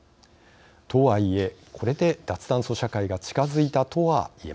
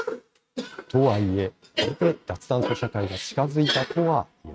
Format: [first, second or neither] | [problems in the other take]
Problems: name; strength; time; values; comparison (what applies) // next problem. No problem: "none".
first | noise reduction (neural mask model RNNoise)